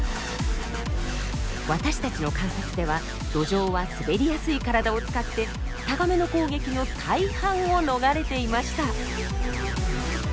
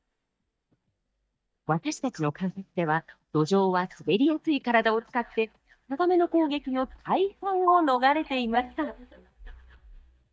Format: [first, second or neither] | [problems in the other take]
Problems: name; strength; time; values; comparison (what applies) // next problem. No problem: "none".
first | noise reduction (neural mask model DeepFilterNet 3)